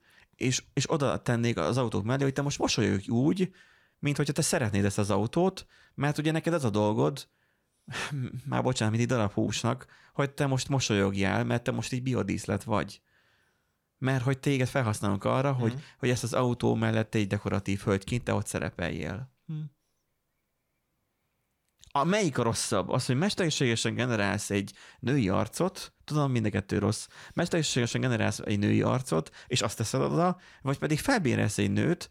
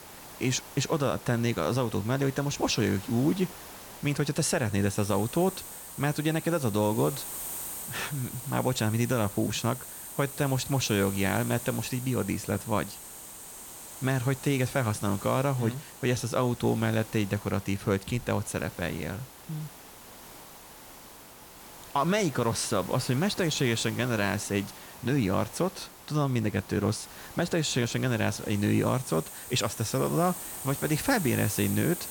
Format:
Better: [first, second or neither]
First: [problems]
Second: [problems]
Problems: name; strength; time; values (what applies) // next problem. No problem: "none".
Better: first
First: none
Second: hiss; noticeable; throughout; 10 dB below the speech